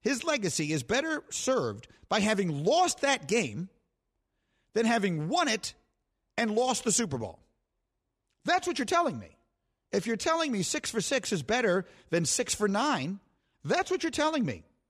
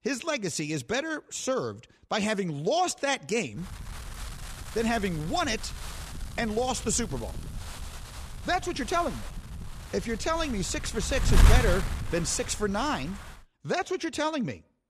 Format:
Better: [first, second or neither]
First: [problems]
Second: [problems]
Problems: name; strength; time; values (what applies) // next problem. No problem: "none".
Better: first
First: none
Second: wind noise on the microphone; heavy; from 3.5 to 13 s; 10 dB below the speech